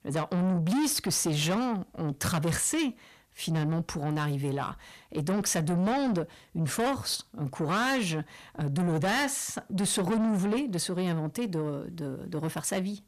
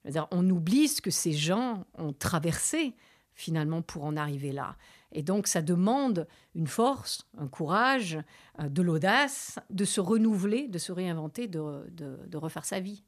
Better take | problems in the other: second | distortion; heavy; 7 dB below the speech

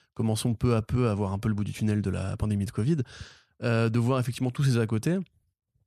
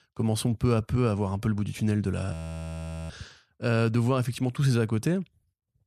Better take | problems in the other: first | audio freezing; at 2.5 s for 1 s

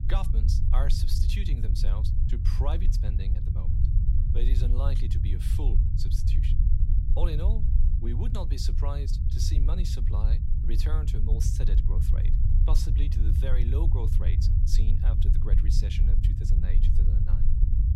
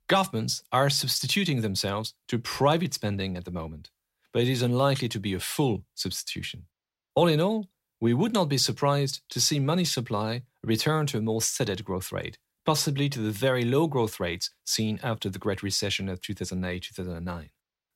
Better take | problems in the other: second | low rumble; loud; throughout; 3 dB below the speech

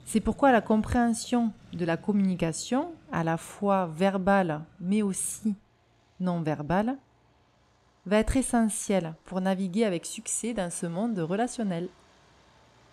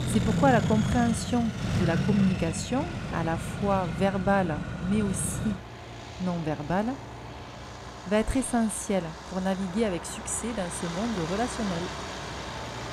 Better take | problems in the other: first | traffic noise; loud; throughout; 5 dB below the speech; faint in the first

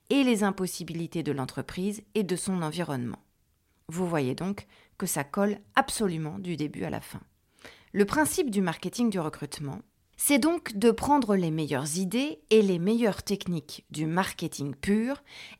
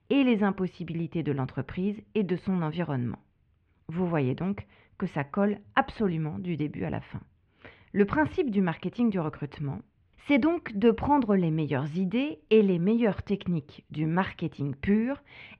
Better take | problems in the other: first | muffled; very; fading above 2.5 kHz

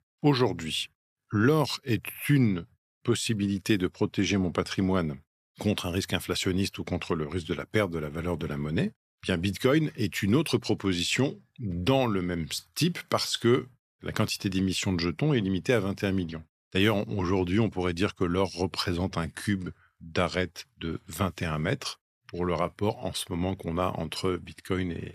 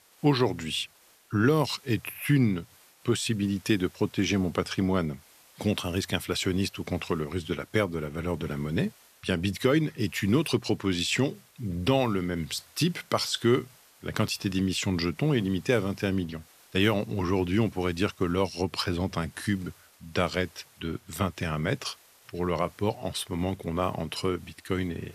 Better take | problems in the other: first | hiss; faint; throughout; 25 dB below the speech

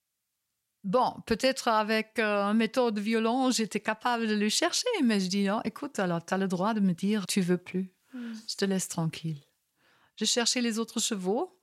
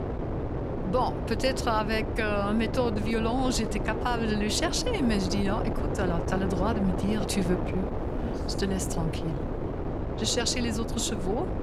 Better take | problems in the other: first | wind noise on the microphone; heavy; 5 dB below the speech

